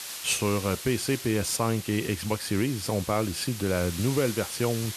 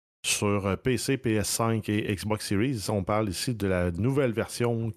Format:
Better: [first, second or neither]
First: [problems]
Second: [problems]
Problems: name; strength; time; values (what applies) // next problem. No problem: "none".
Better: second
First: hiss; loud; throughout; 9 dB below the speech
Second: none